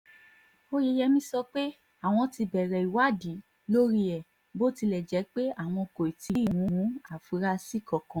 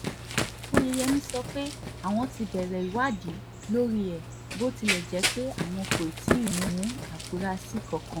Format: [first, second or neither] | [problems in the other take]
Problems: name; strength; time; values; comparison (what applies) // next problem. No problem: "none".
first | background sound (Run); 2 dB below the speech